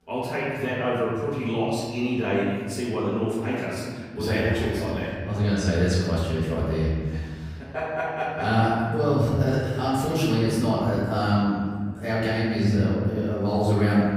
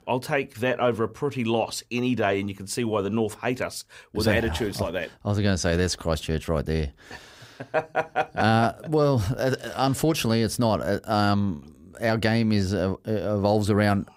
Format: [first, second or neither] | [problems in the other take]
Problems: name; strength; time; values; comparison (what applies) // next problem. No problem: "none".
second | room echo; strong; dies away in 2.1 s // off-mic speech; far